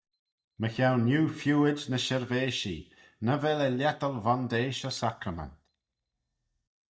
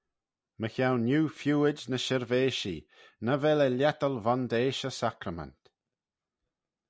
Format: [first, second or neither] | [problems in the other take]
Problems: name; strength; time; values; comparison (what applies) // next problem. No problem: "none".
second | noise reduction (neural mask model DeepFilterNet 3)